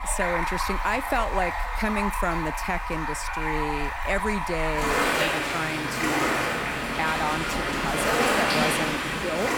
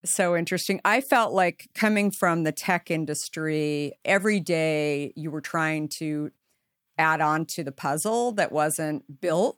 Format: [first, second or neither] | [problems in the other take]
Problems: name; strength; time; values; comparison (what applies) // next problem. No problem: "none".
second | rain or running water; very loud; throughout; 4 dB above the speech